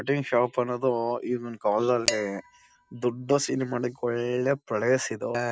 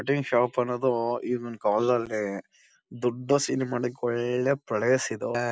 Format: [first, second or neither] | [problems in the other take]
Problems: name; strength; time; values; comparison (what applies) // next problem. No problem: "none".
second | background sound (Dishes, pots, and pans); 10 dB below the speech